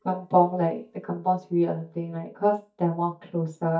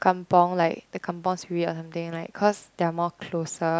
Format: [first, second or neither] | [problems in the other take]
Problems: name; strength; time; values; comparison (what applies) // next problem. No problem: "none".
second | noise reduction (neural mask model DeepFilterNet 3)